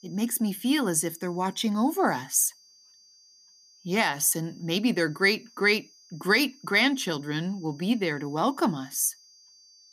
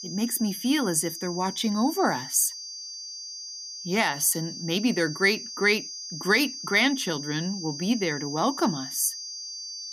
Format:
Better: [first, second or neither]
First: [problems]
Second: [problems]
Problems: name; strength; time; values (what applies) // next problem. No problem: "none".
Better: first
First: high-pitched whine; faint; throughout; 5 kHz, 30 dB below the speech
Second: high-pitched whine; loud; throughout; 5 kHz, 10 dB below the speech